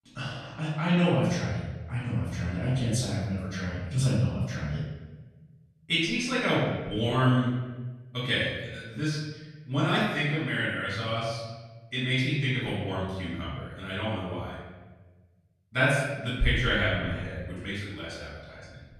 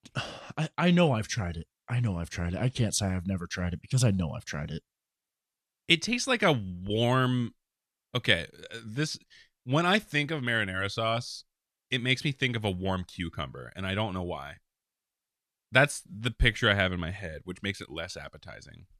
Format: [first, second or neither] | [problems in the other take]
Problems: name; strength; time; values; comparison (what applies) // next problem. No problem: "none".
second | room echo; strong; dies away in 1.2 s // off-mic speech; far